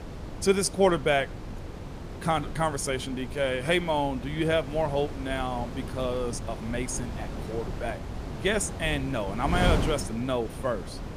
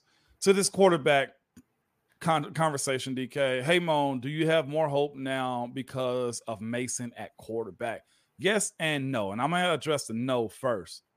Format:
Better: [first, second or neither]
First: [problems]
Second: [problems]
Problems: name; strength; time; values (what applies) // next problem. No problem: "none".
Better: second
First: wind noise on the microphone; occasional gusts; 10 dB below the speech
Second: none